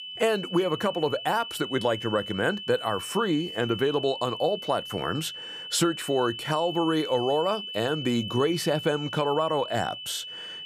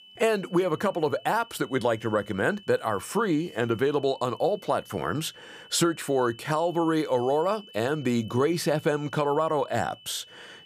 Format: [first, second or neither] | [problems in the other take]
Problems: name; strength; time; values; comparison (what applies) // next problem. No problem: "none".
second | high-pitched whine; loud; throughout; 3 kHz, 8 dB below the speech; faint in the second